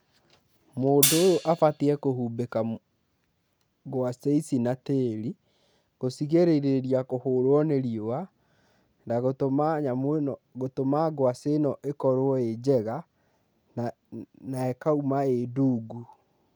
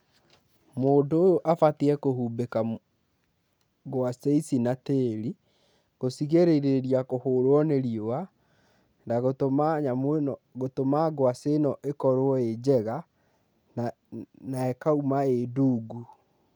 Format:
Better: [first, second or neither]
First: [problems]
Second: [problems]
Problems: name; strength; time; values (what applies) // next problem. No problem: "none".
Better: second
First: background sound (Hi-hat); 4 dB below the speech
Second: none